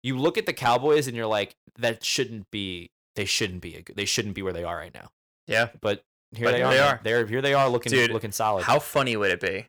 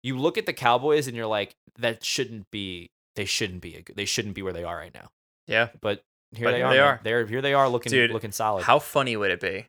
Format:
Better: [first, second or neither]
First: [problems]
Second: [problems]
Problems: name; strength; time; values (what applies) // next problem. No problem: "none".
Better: second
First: distortion; slight; 2% of the sound clipped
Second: none